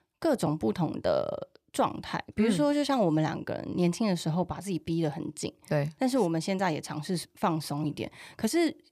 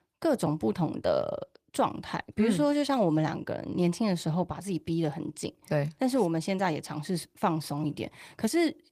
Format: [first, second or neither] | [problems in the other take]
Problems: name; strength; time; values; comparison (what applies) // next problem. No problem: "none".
first | garbled, watery; slightly; nothing above 15 kHz